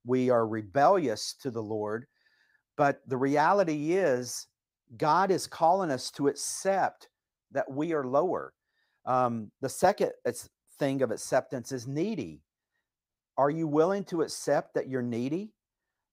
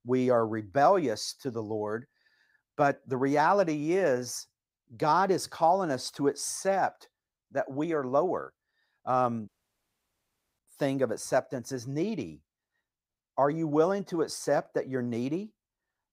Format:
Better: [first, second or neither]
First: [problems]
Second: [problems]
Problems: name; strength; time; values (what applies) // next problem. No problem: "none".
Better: first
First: none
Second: audio cutting out; at 9.5 s for 1 s